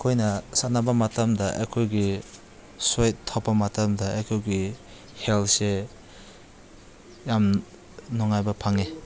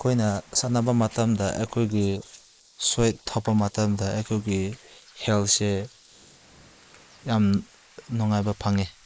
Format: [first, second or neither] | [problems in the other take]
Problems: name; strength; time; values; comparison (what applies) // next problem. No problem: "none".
first | noise reduction (neural mask model Resemble Enhance denoiser)